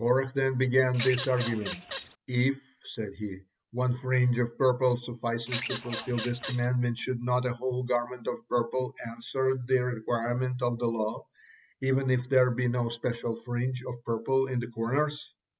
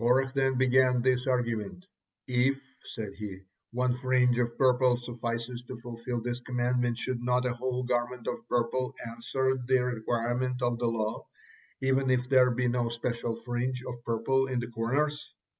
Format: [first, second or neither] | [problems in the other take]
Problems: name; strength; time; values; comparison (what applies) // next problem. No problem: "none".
second | background sound (Bird vocalization, bird call, bird song / Fowl); 9 dB below the speech